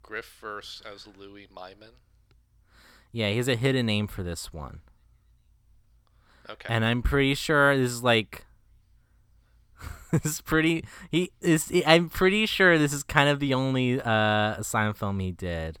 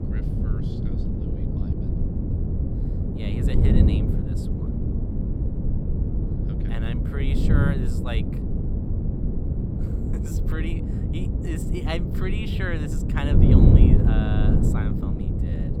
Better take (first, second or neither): first